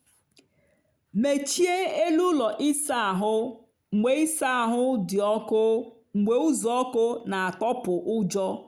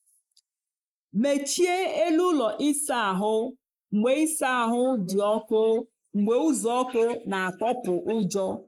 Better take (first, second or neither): first